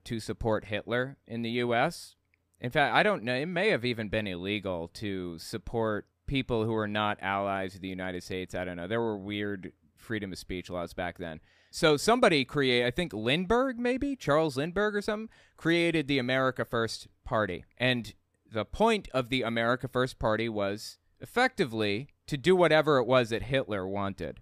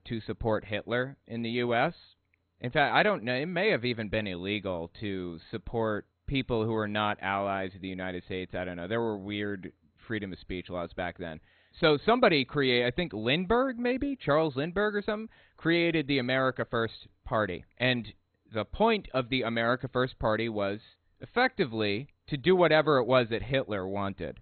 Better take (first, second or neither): first